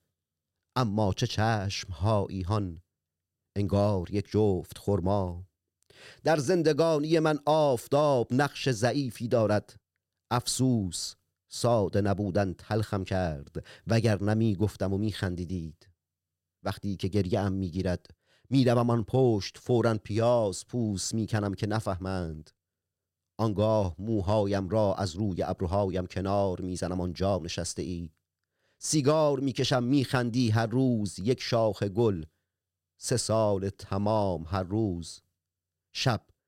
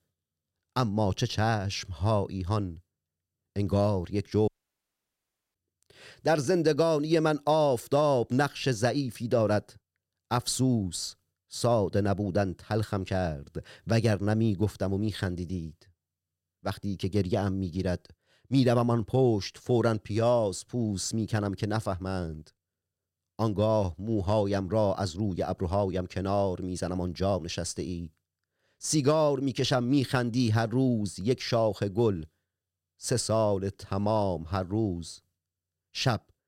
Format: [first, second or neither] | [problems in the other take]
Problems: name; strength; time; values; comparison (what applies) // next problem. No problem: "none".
first | audio cutting out; at 4.5 s for 1 s